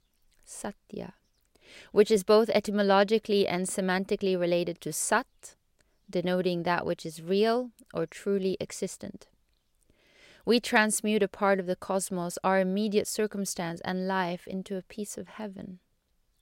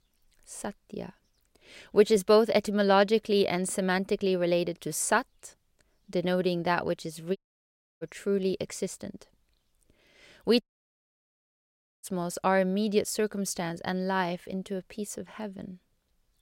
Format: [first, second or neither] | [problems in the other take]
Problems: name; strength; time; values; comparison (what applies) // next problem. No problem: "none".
first | audio cutting out; at 7.5 s for 0.5 s and at 11 s for 1.5 s